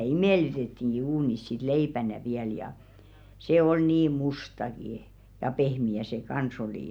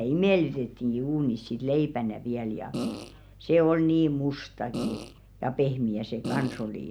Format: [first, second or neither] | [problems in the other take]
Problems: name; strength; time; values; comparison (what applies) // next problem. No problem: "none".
first | background sound (Fart); 6 dB below the speech